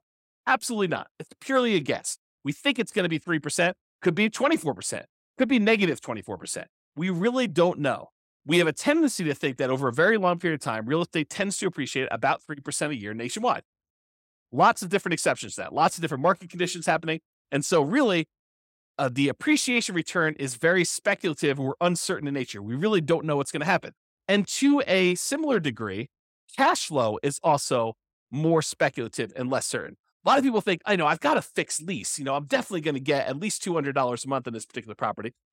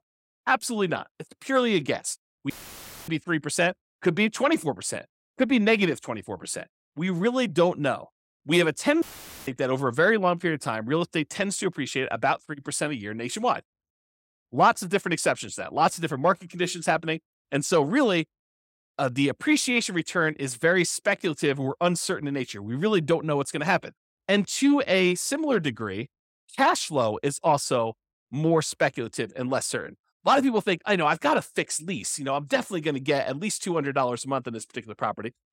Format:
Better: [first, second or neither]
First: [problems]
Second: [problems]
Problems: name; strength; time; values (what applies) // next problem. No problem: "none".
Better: first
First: none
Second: audio cutting out; filled with static; at 2.5 s for 0.5 s and at 9 s